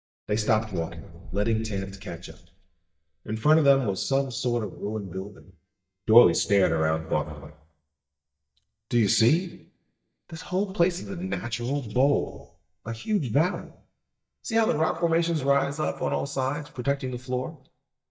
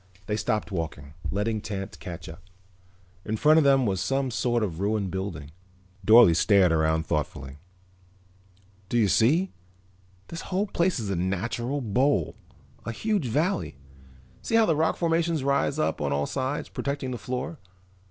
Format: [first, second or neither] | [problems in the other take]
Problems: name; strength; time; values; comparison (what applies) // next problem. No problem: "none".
second | noise reduction (neural mask model DeepFilterNet 3)